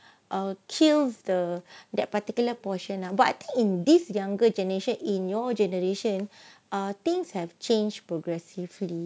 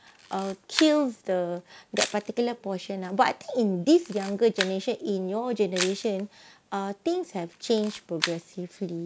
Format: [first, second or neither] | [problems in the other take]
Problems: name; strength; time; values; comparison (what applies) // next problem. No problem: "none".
first | background sound (Camera); 11 dB below the speech